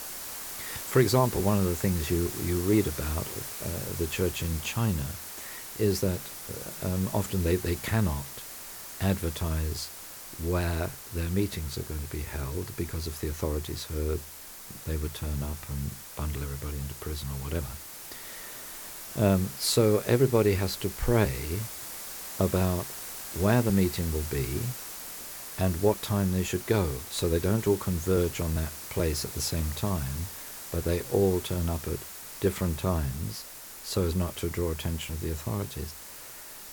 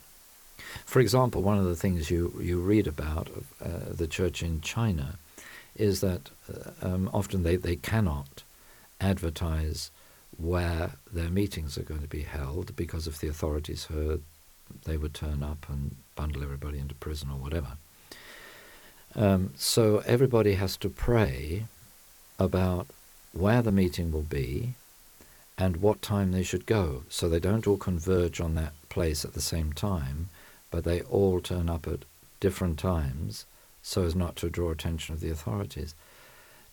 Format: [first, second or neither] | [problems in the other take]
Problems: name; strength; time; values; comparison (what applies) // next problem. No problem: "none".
second | hiss; loud; throughout; 9 dB below the speech; faint in the second